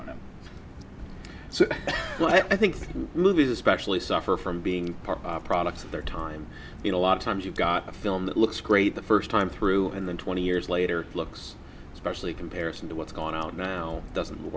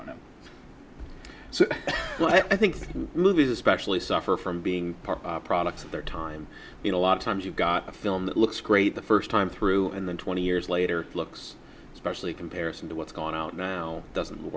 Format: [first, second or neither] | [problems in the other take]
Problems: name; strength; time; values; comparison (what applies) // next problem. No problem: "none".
second | background sound (Drip / Water); 15 dB below the speech